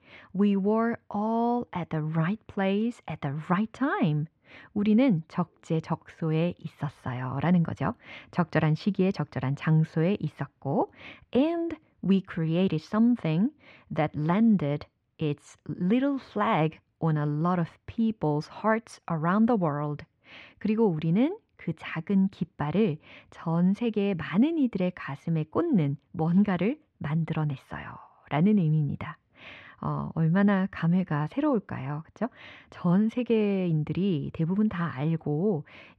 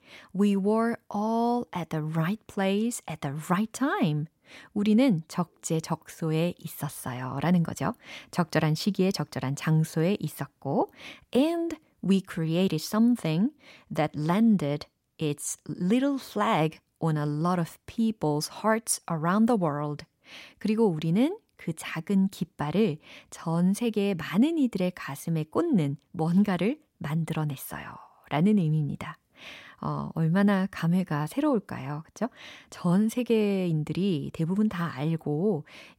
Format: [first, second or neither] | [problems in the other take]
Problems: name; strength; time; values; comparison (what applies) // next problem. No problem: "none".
second | muffled; slightly; fading above 2.5 kHz